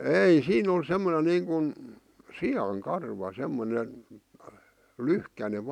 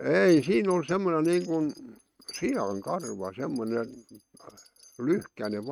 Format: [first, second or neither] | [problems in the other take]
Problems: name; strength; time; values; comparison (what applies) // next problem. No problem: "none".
first | noise reduction (neural mask model RNNoise)